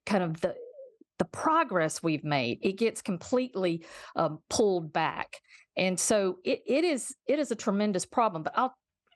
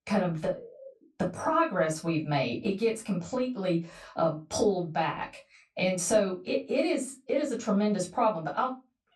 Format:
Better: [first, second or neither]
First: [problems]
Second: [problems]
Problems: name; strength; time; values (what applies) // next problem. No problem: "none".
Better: first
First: none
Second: off-mic speech; far // room echo; very slight; dies away in 0.2 s